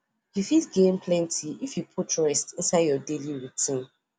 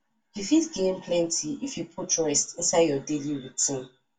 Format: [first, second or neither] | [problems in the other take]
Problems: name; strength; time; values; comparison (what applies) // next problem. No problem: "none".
first | room echo; dies away in 0.2 s